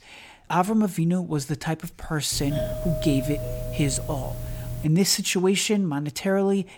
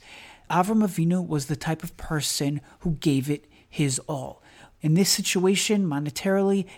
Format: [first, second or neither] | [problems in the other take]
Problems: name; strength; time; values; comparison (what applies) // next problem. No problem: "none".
second | doorbell; noticeable; from 2.5 to 5 s; peak 5 dB below the speech